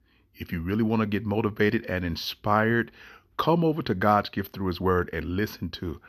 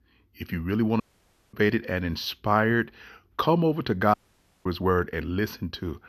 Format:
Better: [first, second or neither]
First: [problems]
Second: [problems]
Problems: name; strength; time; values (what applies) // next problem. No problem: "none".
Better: first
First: none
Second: audio cutting out; at 1 s for 0.5 s and at 4 s for 0.5 s